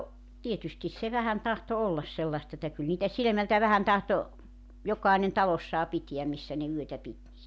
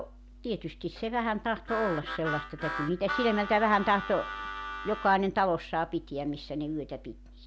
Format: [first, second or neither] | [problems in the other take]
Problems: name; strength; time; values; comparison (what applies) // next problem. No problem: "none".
first | background sound (Harmonica); 7 dB below the speech